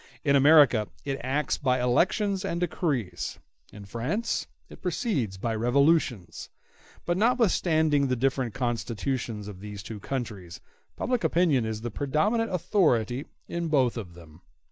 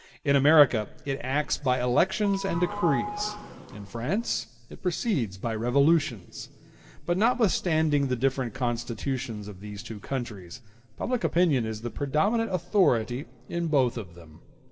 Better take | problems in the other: first | background sound (Sliding door / Doorbell); 9 dB below the speech // room echo; dies away in 1.9 s

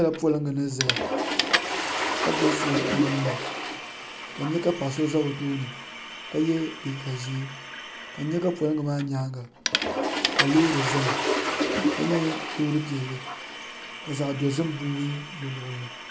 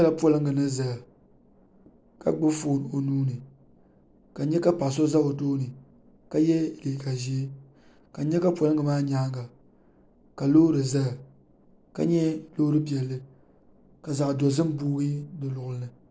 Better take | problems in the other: second | background sound (Toilet flush / Water); 1 dB below the speech

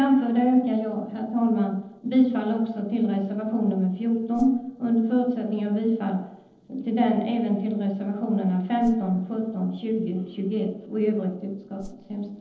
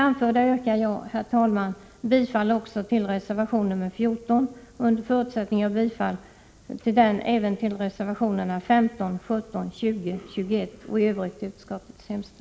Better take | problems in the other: second | noise reduction (neural separator model SepFormer DNS4)

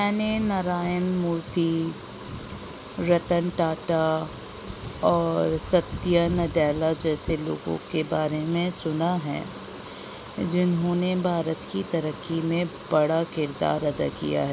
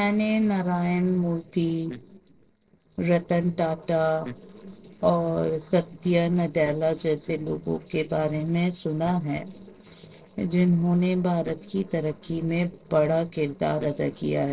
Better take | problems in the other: first | noise reduction (neural separator model SepFormer DNS4)

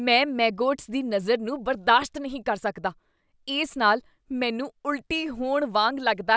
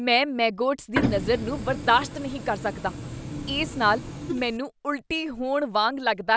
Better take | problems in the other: first | background sound (Printer); 6 dB below the speech

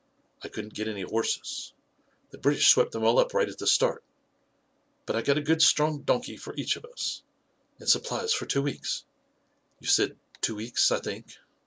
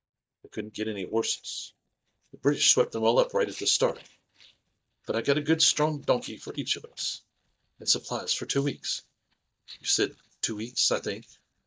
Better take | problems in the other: first | noise reduction (neural mask model DeepFilterNet 3)

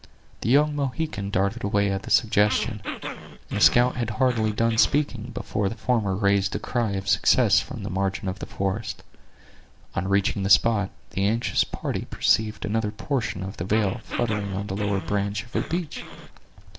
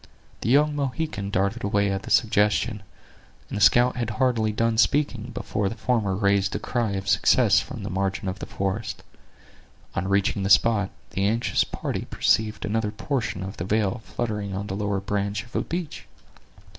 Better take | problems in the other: second | background sound (Growling); 12 dB below the speech

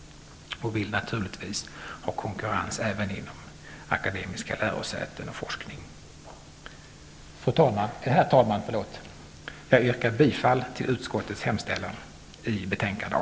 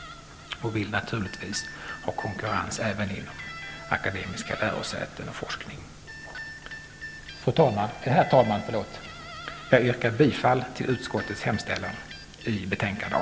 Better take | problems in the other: first | background sound (Guitar); 15 dB below the speech

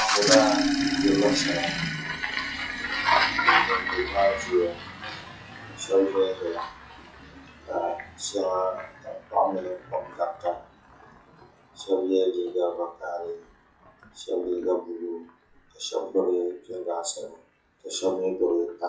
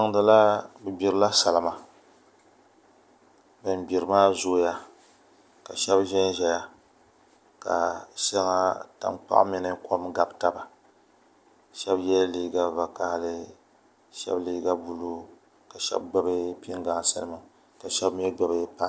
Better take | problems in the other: second | noise reduction (classical method WPE with log-MMSE)

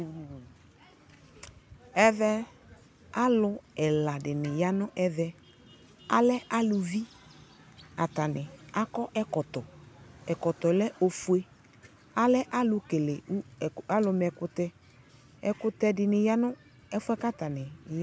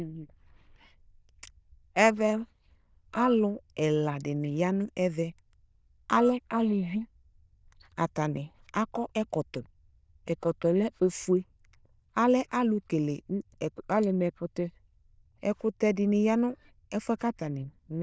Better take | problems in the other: first | noise reduction (neural diffusion model UNIVERSE++)

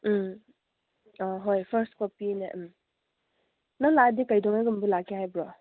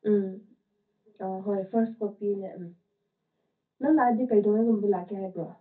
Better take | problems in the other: first | room echo; dies away in 0.3 s

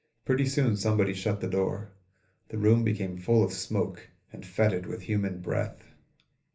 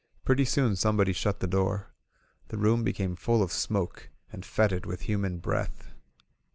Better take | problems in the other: second | room echo; dies away in 0.3 s

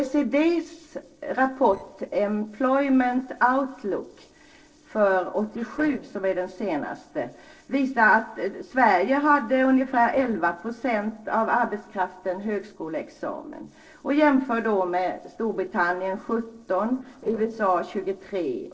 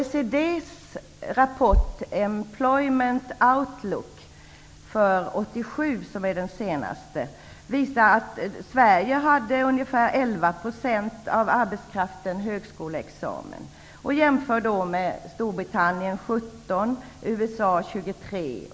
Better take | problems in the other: second | noise reduction (neural separator model SepFormer DNS4)

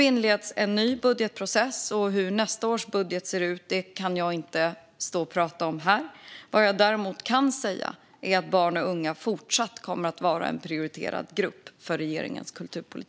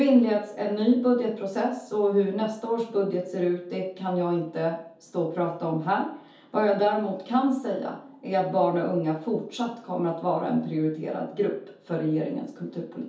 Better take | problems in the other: first | room echo; dies away in 0.6 s

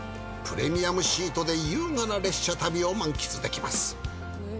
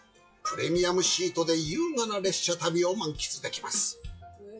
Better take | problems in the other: first | noise reduction (classical method WPE with log-MMSE)

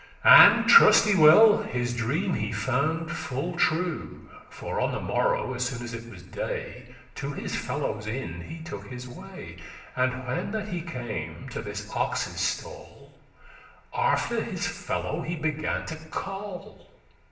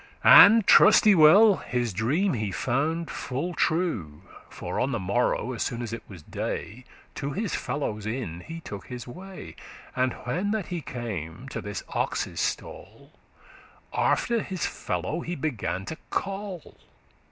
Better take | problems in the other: second | room echo; dies away in 0.9 s

